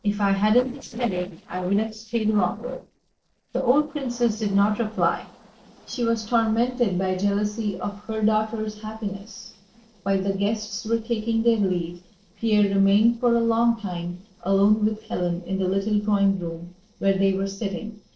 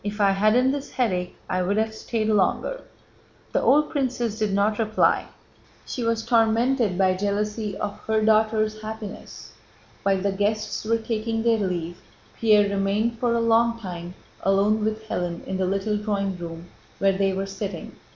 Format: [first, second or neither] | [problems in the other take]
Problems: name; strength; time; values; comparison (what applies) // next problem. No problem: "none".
second | noise reduction (neural separator model SepFormer DNS4)